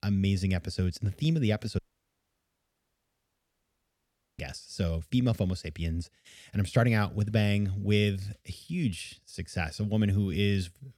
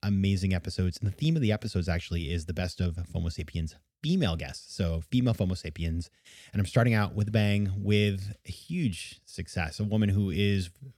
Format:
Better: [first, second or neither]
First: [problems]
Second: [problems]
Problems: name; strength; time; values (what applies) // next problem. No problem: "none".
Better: second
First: audio cutting out; at 2 s for 2.5 s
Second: none